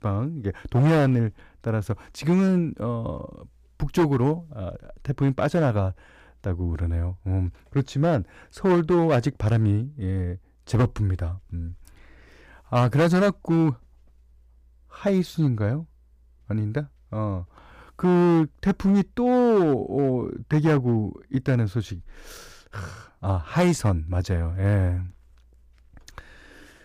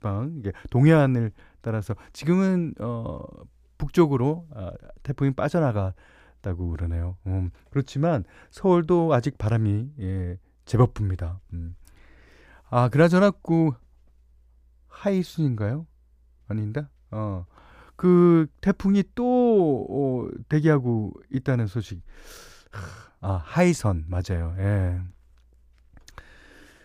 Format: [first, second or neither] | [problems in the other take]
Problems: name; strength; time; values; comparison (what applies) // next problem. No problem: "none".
second | distortion; slight; 5% of the sound clipped